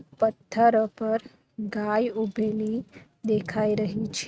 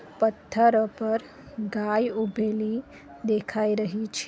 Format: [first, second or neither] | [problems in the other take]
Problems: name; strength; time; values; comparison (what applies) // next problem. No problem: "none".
second | noise reduction (neural mask model RNNoise)